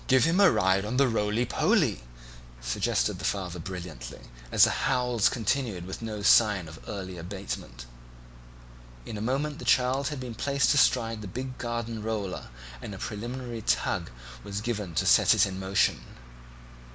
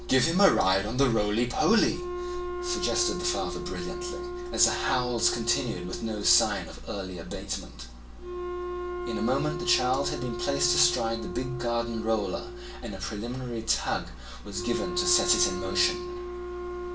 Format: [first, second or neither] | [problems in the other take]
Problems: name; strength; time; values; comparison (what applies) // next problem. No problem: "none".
first | background sound (Wind instrument, woodwind instrument); 8 dB below the speech // room echo; dies away in 0.3 s